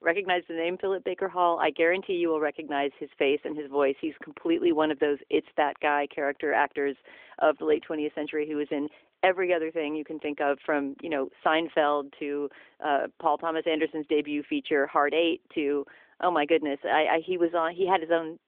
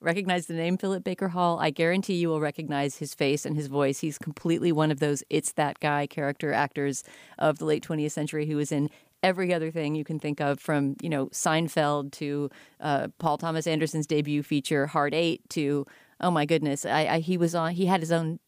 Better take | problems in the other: second | phone-call audio; nothing above 3.5 kHz

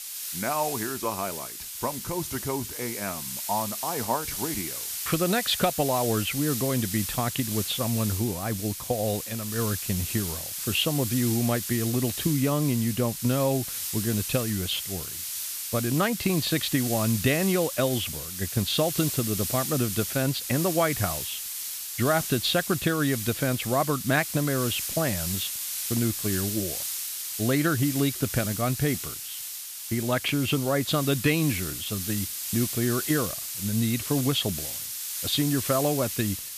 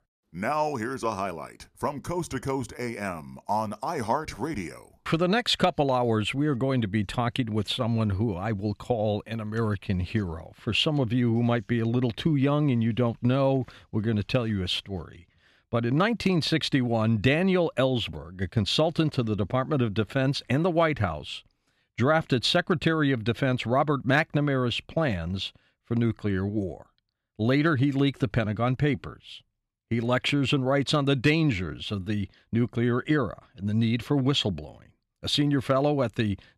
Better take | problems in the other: second | hiss; loud; throughout; 3 dB below the speech

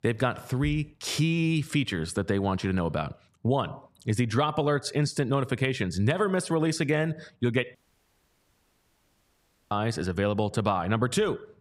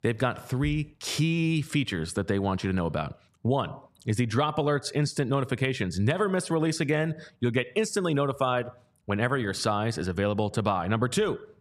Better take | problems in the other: second | audio cutting out; at 8 s for 2 s

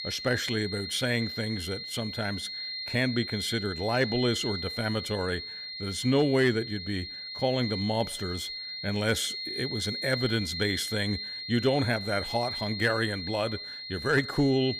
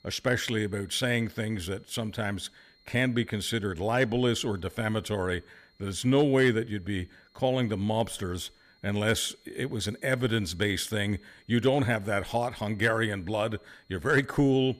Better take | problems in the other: second | high-pitched whine; loud; throughout; 4 kHz, 5 dB below the speech; faint in the second

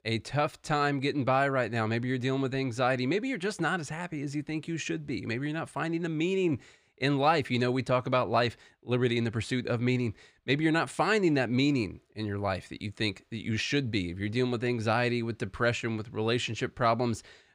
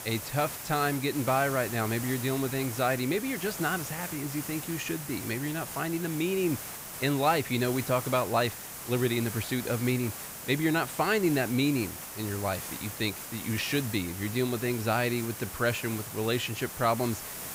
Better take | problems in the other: first | hiss; loud; throughout; 8 dB below the speech

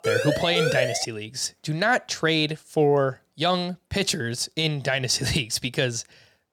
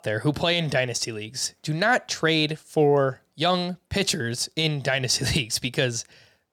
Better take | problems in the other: second | siren; noticeable; until 1 s; peak level with the speech

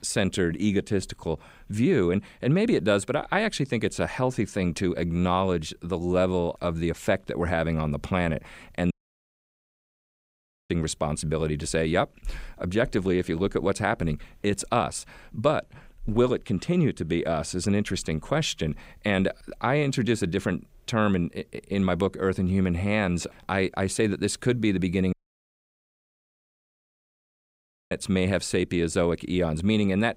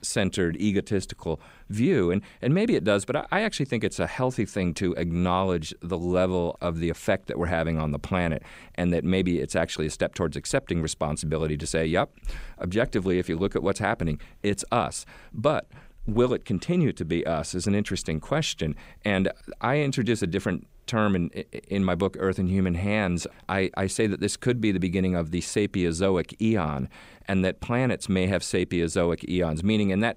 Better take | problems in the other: second | audio cutting out; at 9 s for 2 s and at 25 s for 3 s

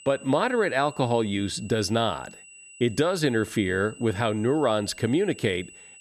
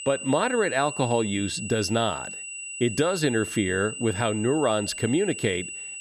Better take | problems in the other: first | high-pitched whine; loud; throughout; 3 kHz, 8 dB below the speech; faint in the first

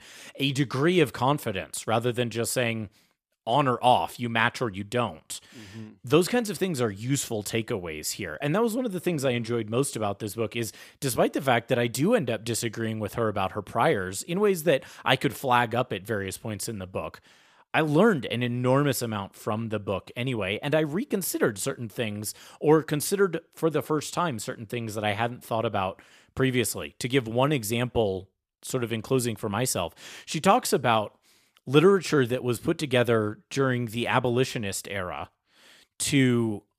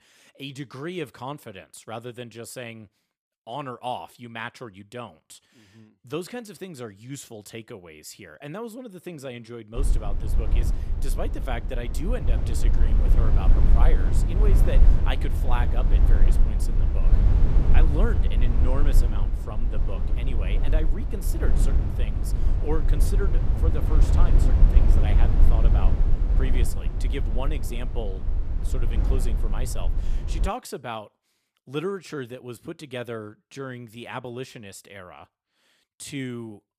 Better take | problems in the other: first | low rumble; loud; from 10 to 30 s; 4 dB below the speech

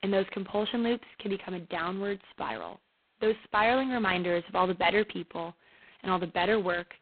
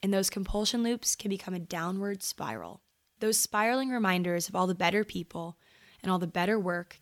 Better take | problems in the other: second | phone-call audio; poor line; nothing above 4 kHz

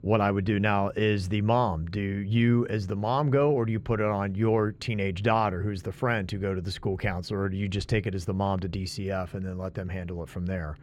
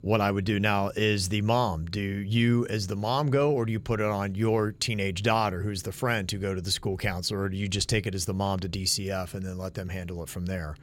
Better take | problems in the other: second | muffled; slightly; fading above 3.5 kHz

